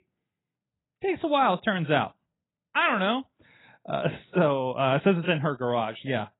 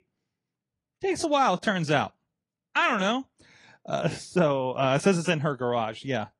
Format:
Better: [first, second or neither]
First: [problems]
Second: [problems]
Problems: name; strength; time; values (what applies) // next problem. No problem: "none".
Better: second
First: garbled, watery; badly; nothing above 4 kHz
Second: garbled, watery; slightly